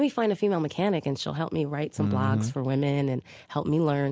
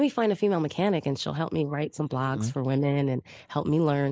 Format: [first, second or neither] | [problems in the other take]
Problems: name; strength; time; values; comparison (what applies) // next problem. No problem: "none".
first | noise reduction (neural mask model Resemble Enhance denoiser)